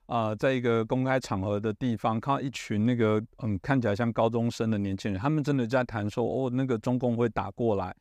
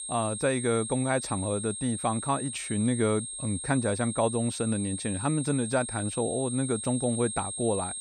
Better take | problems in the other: first | high-pitched whine; loud; throughout; 8.5 kHz, 5 dB below the speech

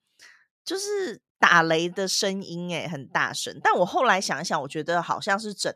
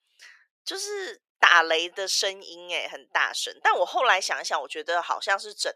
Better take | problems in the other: first | thin; very; fading below 450 Hz

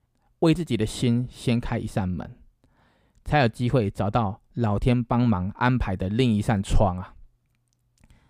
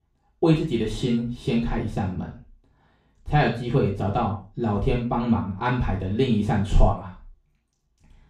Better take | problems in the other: first | room echo; noticeable; dies away in 0.4 s // off-mic speech; far

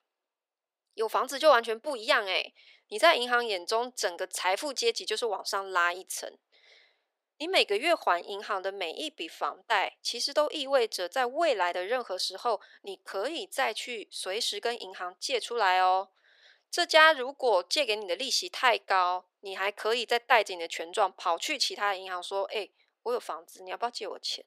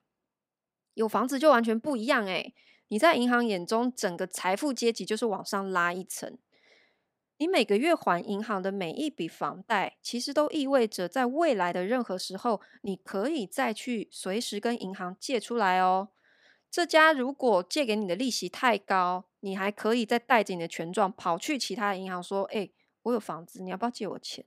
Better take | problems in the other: second | thin; very; fading below 400 Hz

